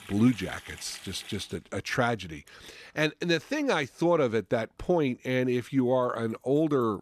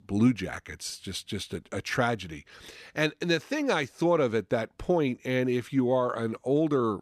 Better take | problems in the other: second | household noises; noticeable; throughout; 15 dB below the speech

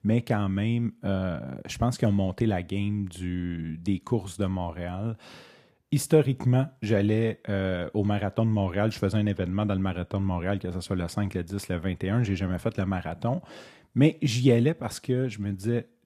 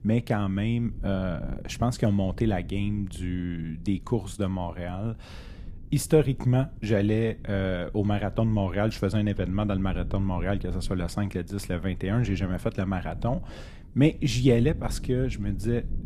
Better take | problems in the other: first | low rumble; faint; throughout; 20 dB below the speech

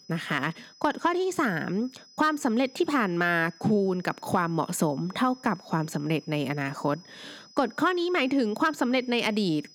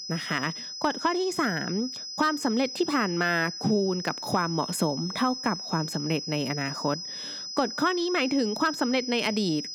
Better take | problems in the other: first | high-pitched whine; loud; throughout; 5 kHz, 7 dB below the speech; faint in the first

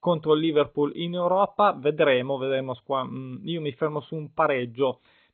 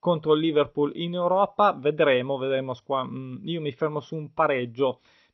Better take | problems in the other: second | garbled, watery; badly; nothing above 3.5 kHz; slightly in the second

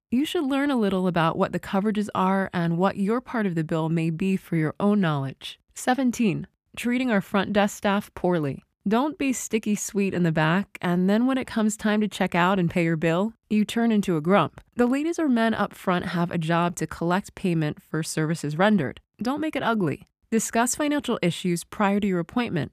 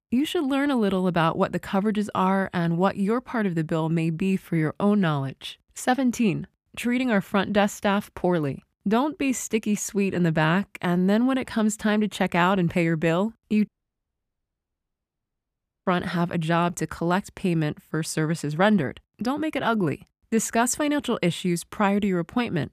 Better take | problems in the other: first | audio cutting out; at 14 s for 2 s

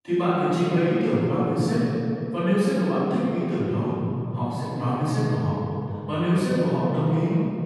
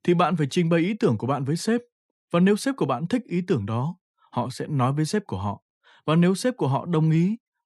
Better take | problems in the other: second | off-mic speech; far // room echo; strong; dies away in 2.8 s

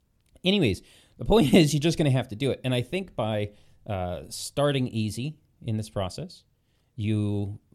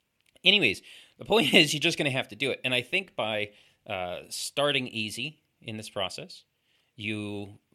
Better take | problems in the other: first | thin; very slightly; fading below 500 Hz

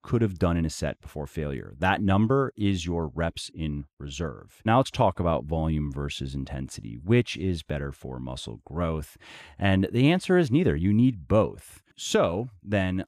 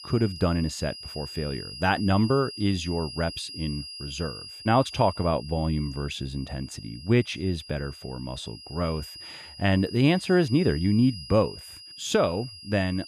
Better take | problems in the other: first | high-pitched whine; noticeable; throughout; 5 kHz, 15 dB below the speech

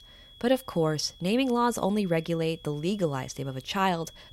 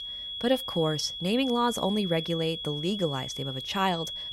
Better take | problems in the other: first | high-pitched whine; loud; throughout; 3.5 kHz, 5 dB below the speech; faint in the first

